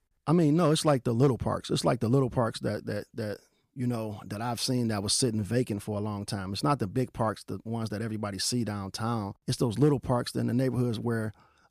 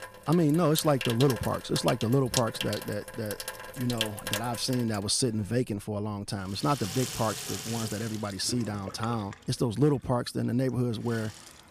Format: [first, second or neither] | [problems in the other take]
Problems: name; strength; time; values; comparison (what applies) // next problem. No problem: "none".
first | household noises; loud; throughout; 7 dB below the speech